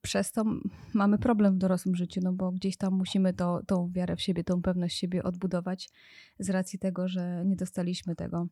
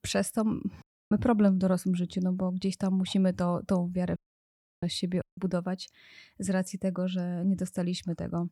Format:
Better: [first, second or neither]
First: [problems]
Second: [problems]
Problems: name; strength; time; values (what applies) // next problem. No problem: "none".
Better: first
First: none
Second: audio cutting out; at 1 s, at 4 s for 0.5 s and at 5 s